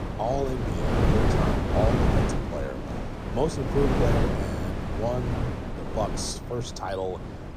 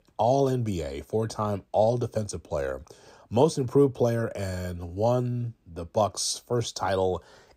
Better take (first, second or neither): second